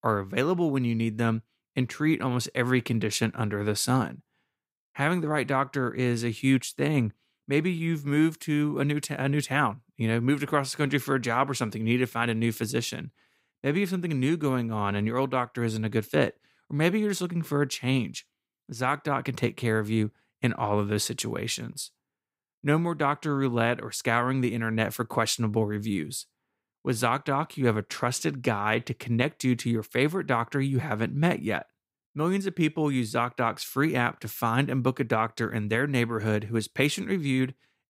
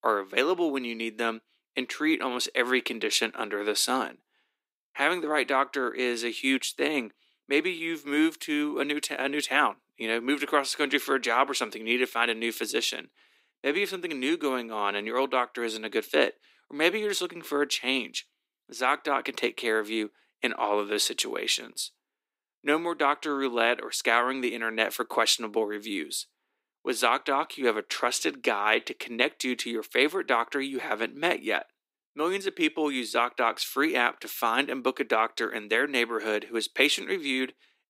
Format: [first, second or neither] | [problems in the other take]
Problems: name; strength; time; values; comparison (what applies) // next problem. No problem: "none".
first | thin; somewhat; fading below 300 Hz